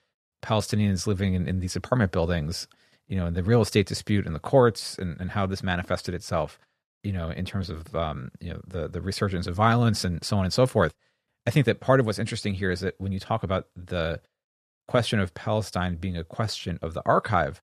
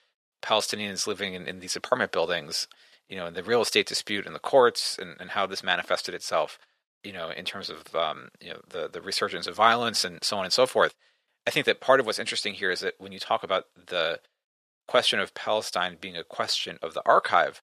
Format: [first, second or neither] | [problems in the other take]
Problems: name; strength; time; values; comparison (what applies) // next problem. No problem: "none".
first | thin; very; fading below 500 Hz